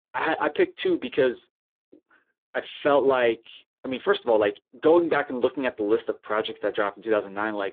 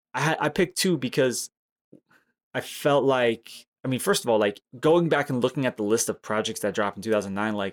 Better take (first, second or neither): second